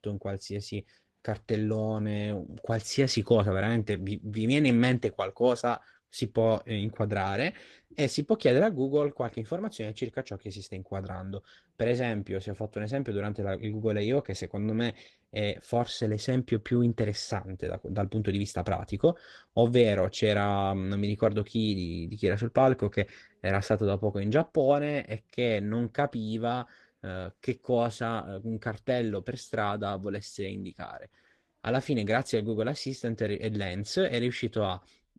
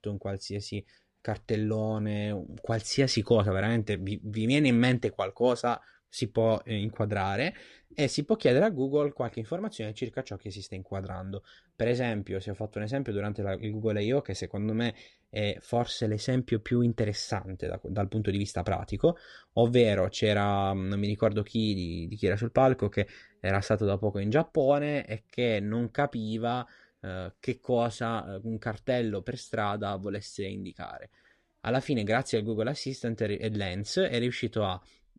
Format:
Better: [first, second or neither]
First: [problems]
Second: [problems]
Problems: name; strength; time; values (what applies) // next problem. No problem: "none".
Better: second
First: garbled, watery; slightly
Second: none